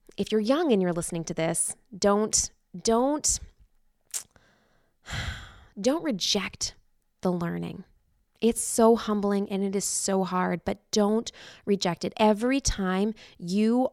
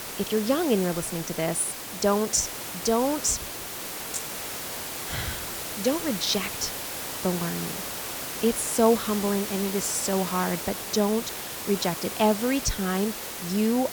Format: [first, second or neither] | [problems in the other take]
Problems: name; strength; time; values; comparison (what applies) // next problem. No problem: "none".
first | hiss; loud; throughout; 5 dB below the speech